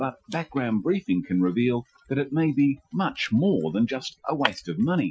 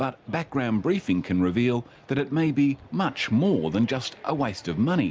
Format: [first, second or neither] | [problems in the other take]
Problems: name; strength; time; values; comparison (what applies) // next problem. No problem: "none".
second | noise reduction (classical method Wiener filter)